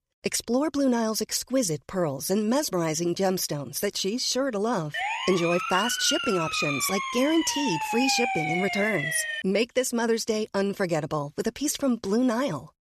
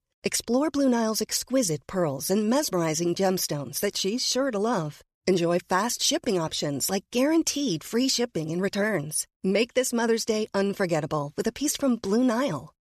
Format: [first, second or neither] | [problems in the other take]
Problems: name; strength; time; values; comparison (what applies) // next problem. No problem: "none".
second | siren; loud; from 5 to 9.5 s; peak level with the speech